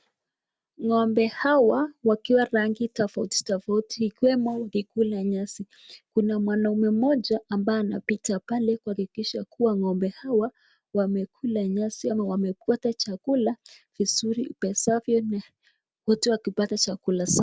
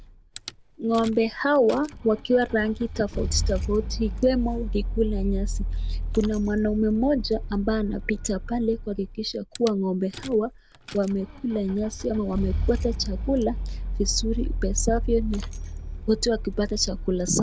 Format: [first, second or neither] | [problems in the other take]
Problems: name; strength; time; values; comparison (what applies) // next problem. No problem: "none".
first | background sound (Rattle / Engine starting / Car); 5 dB below the speech